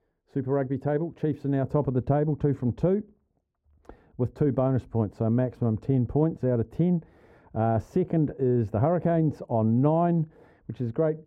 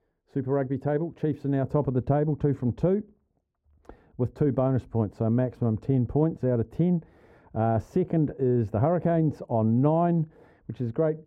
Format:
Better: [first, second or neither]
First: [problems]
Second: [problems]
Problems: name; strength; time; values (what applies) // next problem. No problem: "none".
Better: neither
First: muffled; very; fading above 2 kHz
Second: muffled; very; fading above 2 kHz